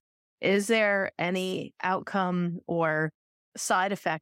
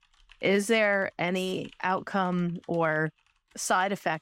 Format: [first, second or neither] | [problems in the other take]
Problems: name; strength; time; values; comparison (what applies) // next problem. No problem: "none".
first | household noises; faint; throughout; 30 dB below the speech